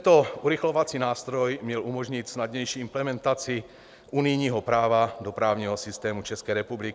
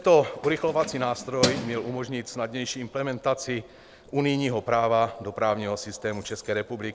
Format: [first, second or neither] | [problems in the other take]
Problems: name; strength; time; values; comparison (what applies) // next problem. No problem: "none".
first | background sound (Keys jangling); 12 dB below the speech